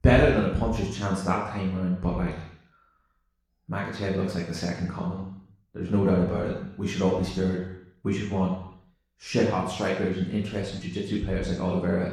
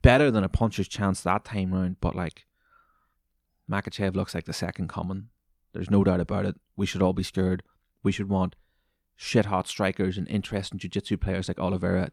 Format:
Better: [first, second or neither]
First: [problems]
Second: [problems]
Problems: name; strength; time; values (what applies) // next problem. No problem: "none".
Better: second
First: room echo; noticeable; dies away in 0.7 s // off-mic speech; far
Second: none